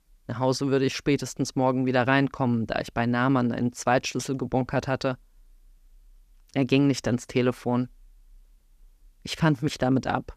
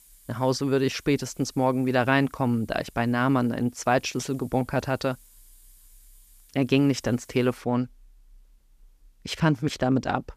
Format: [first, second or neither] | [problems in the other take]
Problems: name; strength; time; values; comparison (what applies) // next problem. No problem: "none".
first | hiss; faint; until 7.5 s; 30 dB below the speech